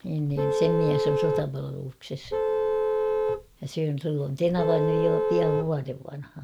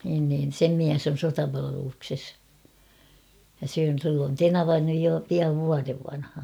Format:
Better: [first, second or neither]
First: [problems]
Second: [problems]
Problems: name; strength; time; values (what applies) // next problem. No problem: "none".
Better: second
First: background sound (Vehicle horn, car horn, honking); 2 dB above the speech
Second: none